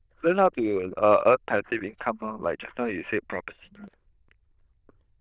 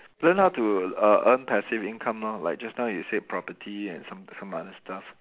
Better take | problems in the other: second | noise reduction (neural diffusion model UNIVERSE++)

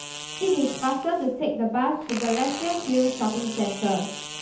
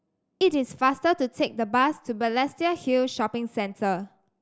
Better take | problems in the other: second | background sound (Fart); 11 dB below the speech // room echo; dies away in 0.6 s

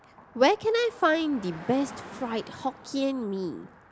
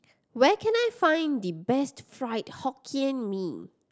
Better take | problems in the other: second | background sound (Car passing by); 18 dB below the speech

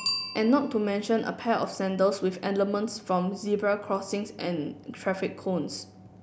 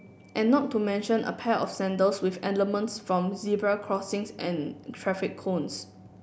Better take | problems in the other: second | background sound (Bicycle bell); 14 dB below the speech

